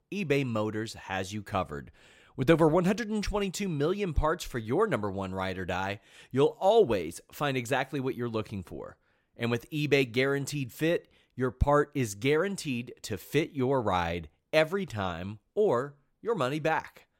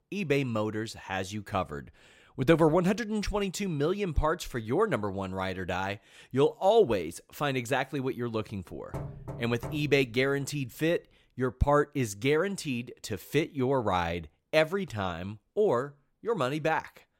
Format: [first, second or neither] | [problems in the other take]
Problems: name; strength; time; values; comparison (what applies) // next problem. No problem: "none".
first | door banging; faint; from 9 to 10 s; peak 10 dB below the speech